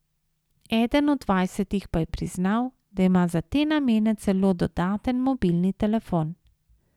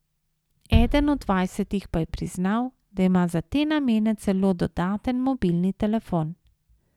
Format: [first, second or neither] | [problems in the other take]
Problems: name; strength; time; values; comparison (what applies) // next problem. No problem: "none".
first | background sound (Bass drum); 6 dB below the speech